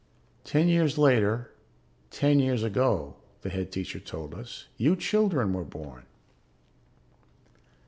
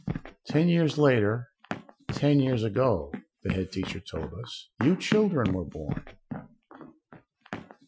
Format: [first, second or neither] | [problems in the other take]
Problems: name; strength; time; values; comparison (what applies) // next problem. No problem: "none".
first | noise reduction (classical method Wiener filter)